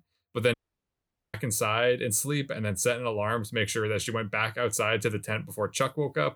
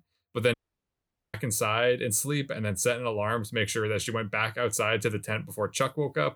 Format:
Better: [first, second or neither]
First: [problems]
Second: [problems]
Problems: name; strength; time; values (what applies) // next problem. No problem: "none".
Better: neither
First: audio cutting out; at 0.5 s for 1 s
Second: audio cutting out; at 0.5 s for 1 s